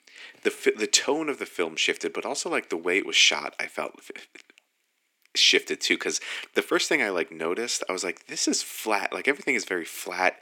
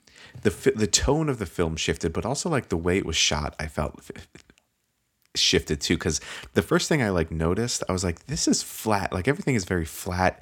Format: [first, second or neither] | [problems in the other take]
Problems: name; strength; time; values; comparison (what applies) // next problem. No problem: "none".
second | thin; somewhat; fading below 300 Hz